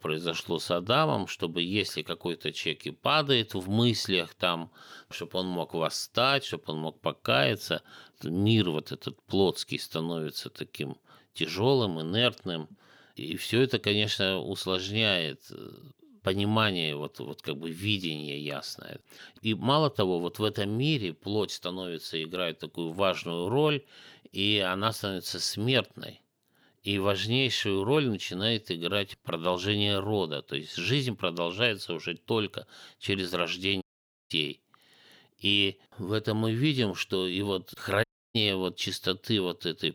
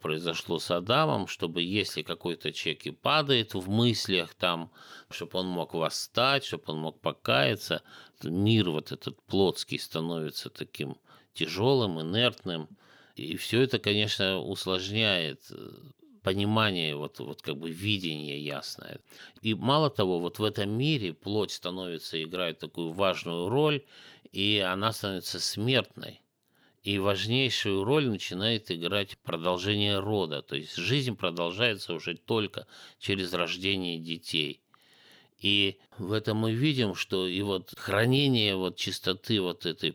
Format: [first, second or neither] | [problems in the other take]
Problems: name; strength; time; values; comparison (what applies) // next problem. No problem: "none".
second | audio cutting out; at 34 s and at 38 s